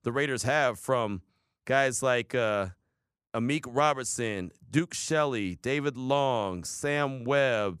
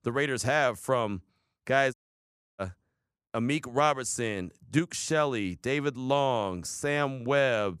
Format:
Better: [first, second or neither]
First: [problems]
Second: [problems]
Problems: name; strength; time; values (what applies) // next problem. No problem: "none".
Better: first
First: none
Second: audio cutting out; at 2 s for 0.5 s